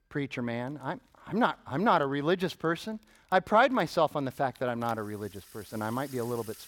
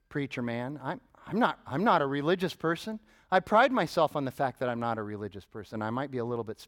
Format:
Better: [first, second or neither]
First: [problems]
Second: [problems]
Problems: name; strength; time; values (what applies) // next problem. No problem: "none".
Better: second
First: household noises; faint; throughout; 25 dB below the speech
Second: none